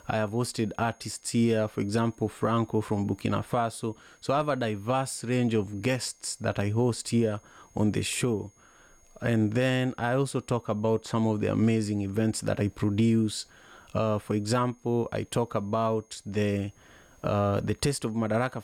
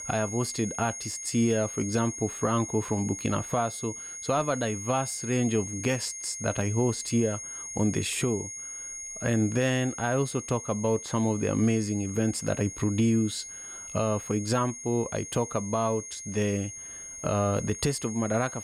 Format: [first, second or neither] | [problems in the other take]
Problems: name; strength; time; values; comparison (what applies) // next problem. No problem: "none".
first | high-pitched whine; loud; throughout; 6.5 kHz, 8 dB below the speech; faint in the first